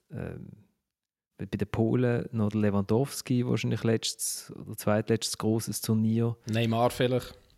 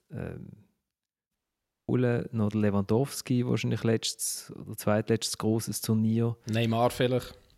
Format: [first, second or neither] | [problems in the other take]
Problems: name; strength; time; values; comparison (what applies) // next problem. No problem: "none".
first | audio cutting out; at 1.5 s for 0.5 s